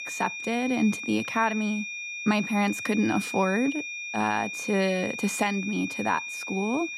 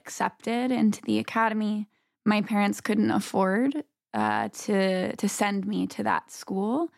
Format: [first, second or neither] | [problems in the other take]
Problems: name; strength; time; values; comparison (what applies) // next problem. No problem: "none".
second | high-pitched whine; loud; throughout; 2.5 kHz, 6 dB below the speech